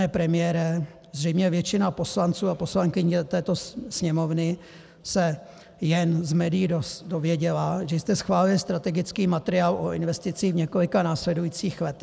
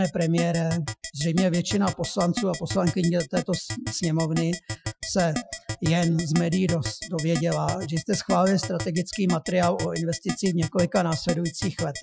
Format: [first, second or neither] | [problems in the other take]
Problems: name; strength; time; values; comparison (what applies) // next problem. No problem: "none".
first | noise reduction (classical method Wiener filter)